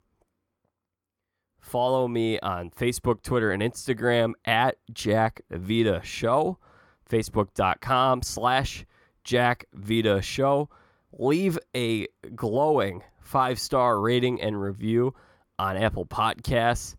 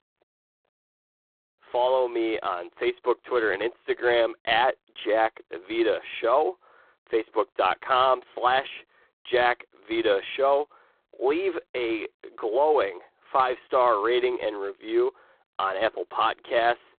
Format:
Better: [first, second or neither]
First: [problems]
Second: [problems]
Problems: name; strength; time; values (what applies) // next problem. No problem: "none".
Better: first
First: none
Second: phone-call audio; poor line